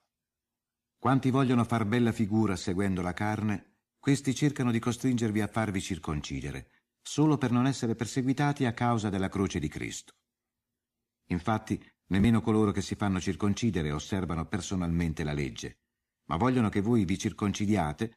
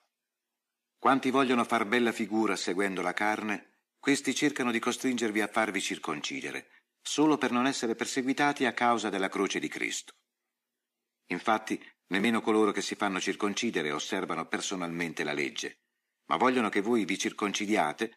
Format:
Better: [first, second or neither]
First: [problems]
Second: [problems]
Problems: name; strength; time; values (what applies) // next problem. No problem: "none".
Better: first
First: none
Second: thin; somewhat; fading below 300 Hz